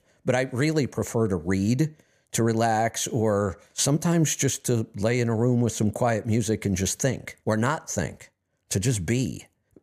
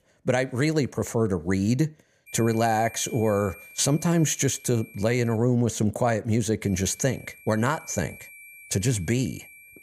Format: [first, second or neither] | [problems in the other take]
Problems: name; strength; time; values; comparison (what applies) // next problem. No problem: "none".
first | high-pitched whine; noticeable; from 2.5 to 5.5 s and from 6.5 s on; 2.5 kHz, 20 dB below the speech